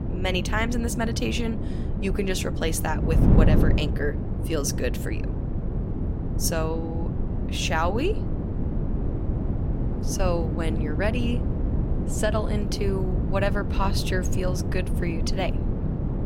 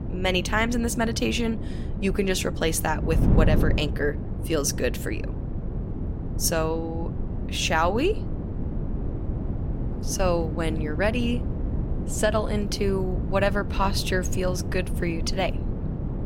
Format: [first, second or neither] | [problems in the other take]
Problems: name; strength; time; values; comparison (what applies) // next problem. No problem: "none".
second | wind noise on the microphone; heavy; 7 dB below the speech; occasional gusts in the second